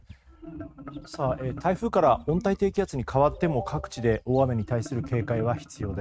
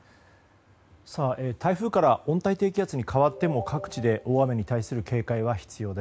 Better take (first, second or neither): second